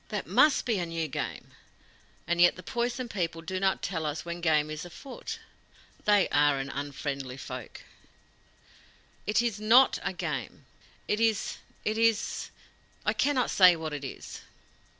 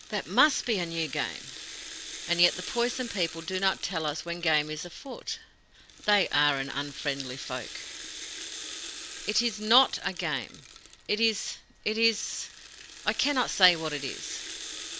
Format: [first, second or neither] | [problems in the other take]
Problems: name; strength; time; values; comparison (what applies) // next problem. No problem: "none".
first | background sound (Rattle (instrument)); 12 dB below the speech